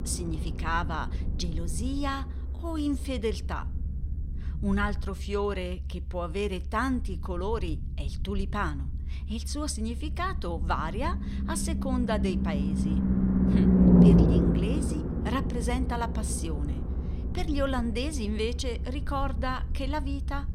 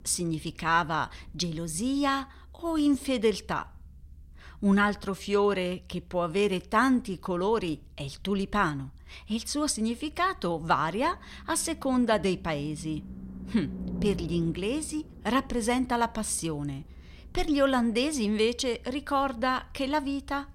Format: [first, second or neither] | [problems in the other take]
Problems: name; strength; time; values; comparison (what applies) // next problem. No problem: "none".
second | low rumble; loud; throughout; 1 dB below the speech; faint in the second